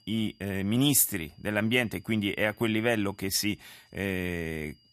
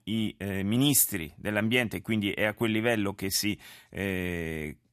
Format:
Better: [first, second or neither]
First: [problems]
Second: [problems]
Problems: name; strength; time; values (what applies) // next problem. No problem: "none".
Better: second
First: high-pitched whine; faint; throughout; 5 kHz, 35 dB below the speech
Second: none